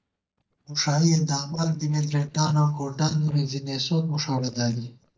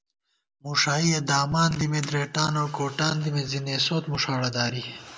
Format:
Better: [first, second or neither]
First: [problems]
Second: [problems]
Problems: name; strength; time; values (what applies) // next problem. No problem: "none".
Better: second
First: noise reduction (neural mask model DeepFilterNet 3)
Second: none